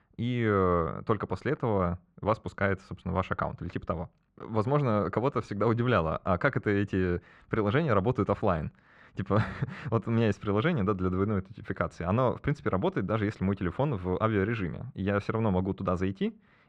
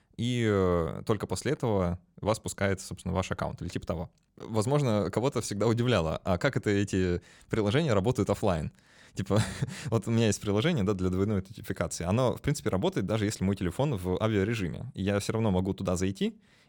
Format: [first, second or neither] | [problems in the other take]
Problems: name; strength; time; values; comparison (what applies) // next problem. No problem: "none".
second | muffled; very; fading above 2 kHz